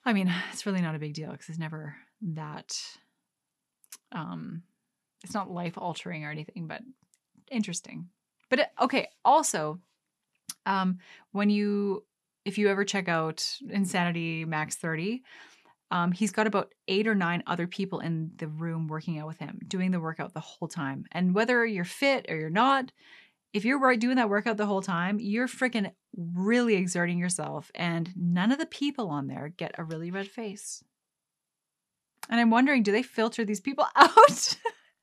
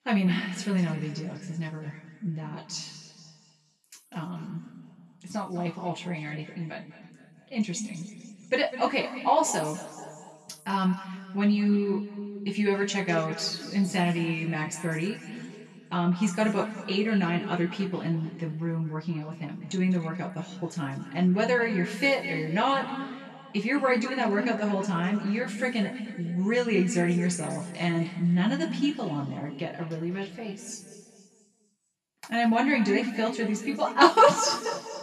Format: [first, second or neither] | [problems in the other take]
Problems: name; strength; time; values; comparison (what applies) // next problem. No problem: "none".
first | room echo; noticeable; dies away in 1.9 s // off-mic speech; far